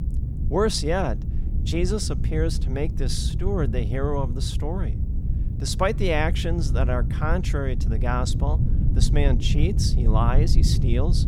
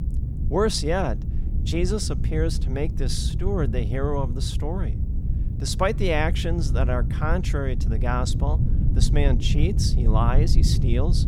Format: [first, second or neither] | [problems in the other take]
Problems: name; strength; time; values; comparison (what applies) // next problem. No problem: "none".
neither | low rumble; noticeable; throughout; 10 dB below the speech; the same in both